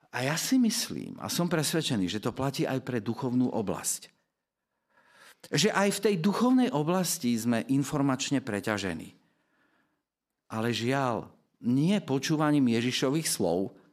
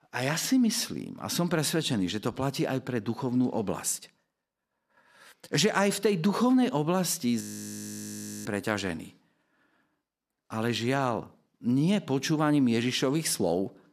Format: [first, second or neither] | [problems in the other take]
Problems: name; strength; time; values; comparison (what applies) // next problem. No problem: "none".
first | audio freezing; at 7.5 s for 1 s